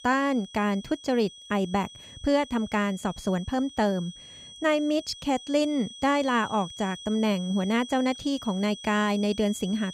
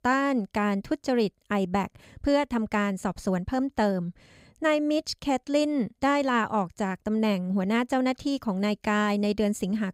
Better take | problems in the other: second | high-pitched whine; noticeable; throughout; 3.5 kHz, 15 dB below the speech

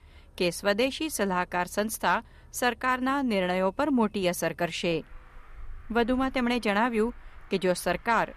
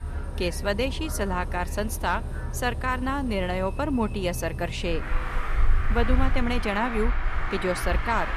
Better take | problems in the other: first | traffic noise; loud; throughout; 3 dB below the speech; faint in the first

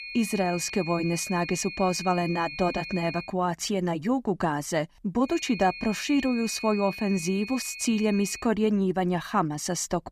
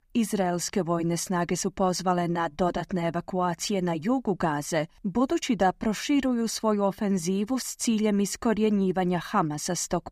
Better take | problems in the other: second | high-pitched whine; loud; until 3.5 s and from 5.5 to 8.5 s; 2.5 kHz, 10 dB below the speech

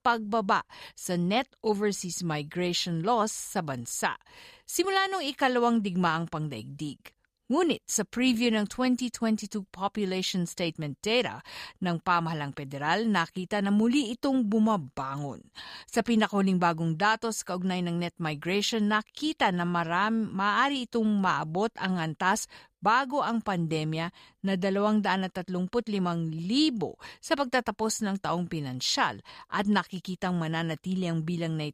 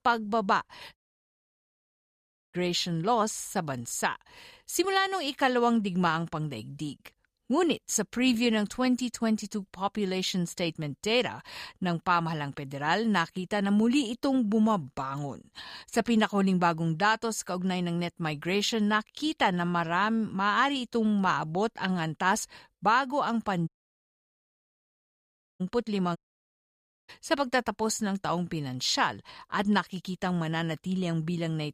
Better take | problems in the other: first | audio cutting out; at 1 s for 1.5 s, at 24 s for 2 s and at 26 s for 1 s

